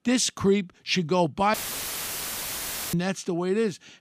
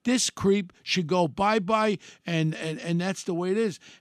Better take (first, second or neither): second